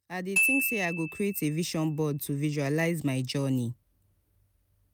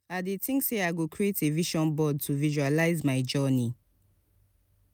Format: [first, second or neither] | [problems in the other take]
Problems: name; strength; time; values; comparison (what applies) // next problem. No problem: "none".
second | background sound (Glockenspiel); 4 dB below the speech